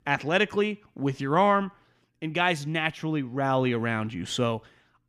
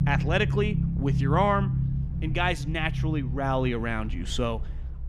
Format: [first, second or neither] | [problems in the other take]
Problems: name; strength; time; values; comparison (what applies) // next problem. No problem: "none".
first | low rumble; noticeable; throughout; 10 dB below the speech